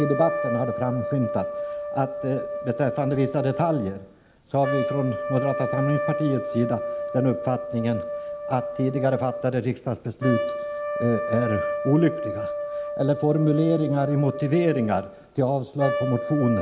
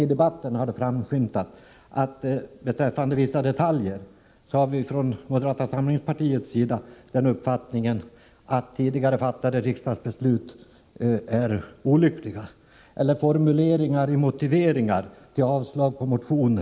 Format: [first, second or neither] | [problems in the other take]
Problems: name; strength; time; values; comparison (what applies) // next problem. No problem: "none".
second | background sound (Trumpet); 5 dB below the speech